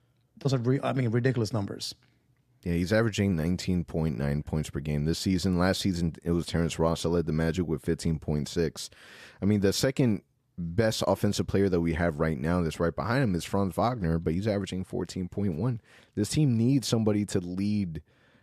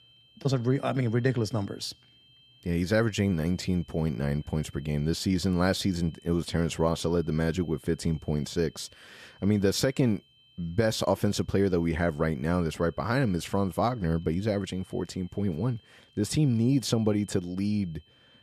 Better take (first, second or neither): first